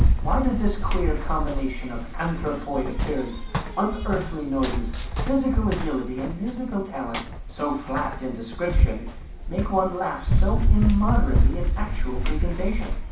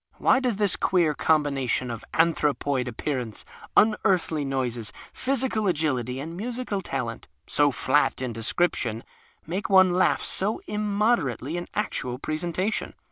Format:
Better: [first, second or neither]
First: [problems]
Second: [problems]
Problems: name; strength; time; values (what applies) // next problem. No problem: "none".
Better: second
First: background sound (Run); 4 dB above the speech // room echo; dies away in 0.6 s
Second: none